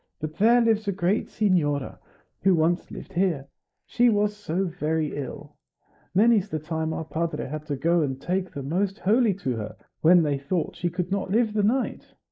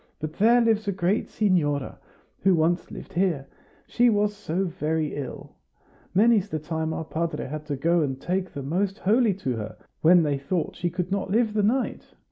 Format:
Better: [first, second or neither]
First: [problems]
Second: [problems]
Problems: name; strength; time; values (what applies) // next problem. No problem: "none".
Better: second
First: noise reduction (neural mask model Resemble Enhance denoiser)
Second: none